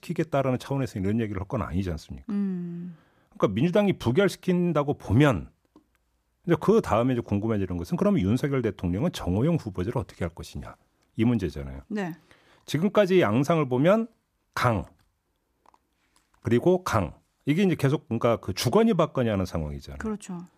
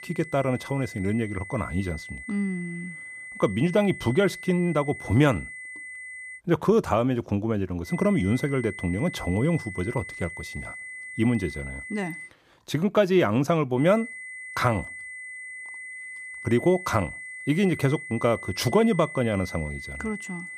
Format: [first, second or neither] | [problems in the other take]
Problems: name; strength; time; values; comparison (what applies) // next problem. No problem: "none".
first | high-pitched whine; noticeable; until 6.5 s, from 8 to 12 s and from 14 s on; 2 kHz, 10 dB below the speech